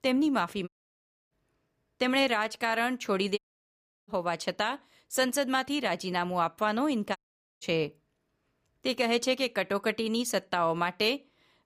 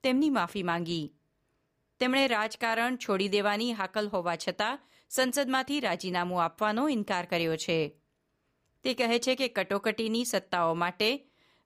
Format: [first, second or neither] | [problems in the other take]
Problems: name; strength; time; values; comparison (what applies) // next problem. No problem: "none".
second | audio cutting out; at 0.5 s for 0.5 s, at 3.5 s for 0.5 s and at 7 s